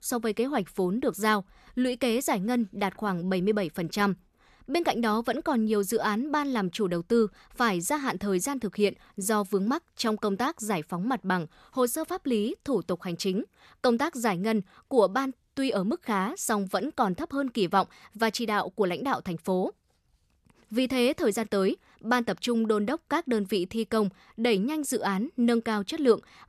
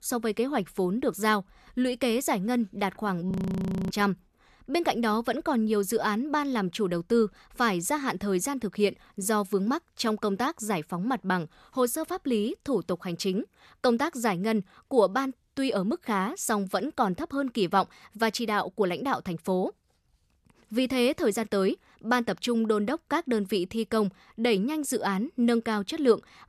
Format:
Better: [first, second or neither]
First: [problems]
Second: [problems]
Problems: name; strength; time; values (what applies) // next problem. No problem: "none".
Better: first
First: none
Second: audio freezing; at 3.5 s for 0.5 s